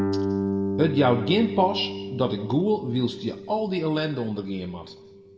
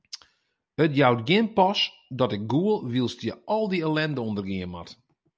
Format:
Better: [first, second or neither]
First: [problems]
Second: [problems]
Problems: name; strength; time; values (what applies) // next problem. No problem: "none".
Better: second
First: background sound (Guitar); 5 dB below the speech // room echo; dies away in 1.7 s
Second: none